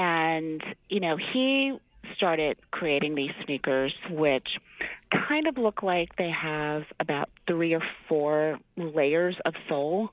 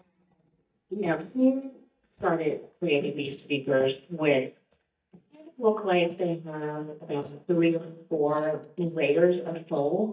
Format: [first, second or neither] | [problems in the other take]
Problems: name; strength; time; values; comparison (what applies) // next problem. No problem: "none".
first | noise reduction (neural mask model DeepFilterNet 3)